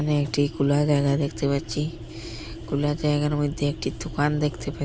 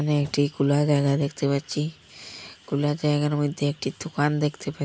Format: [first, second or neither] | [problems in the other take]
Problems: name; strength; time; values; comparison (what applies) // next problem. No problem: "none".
second | background sound (Engine); 12 dB below the speech